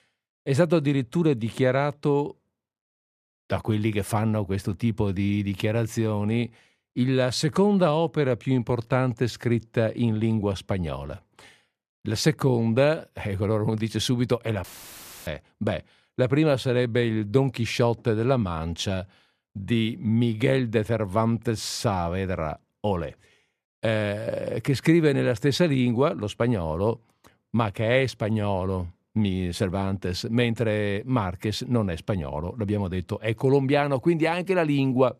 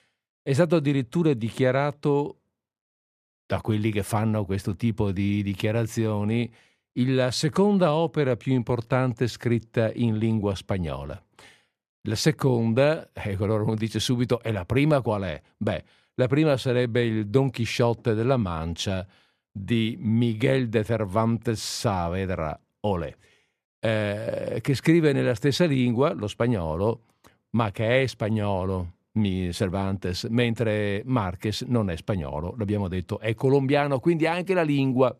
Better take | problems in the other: second | audio cutting out; filled with static; at 15 s for 0.5 s

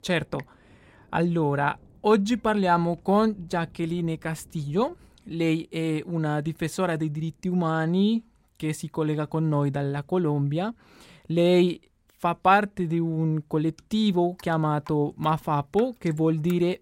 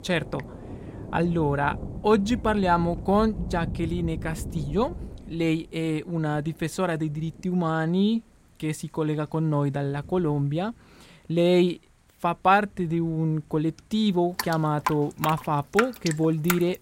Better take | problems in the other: first | rain or running water; loud; throughout; 9 dB below the speech; faint in the first

